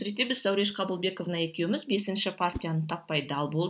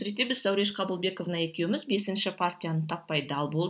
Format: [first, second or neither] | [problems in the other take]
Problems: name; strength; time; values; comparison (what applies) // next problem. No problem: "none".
second | background sound (Whoosh, swoosh, swish); 18 dB below the speech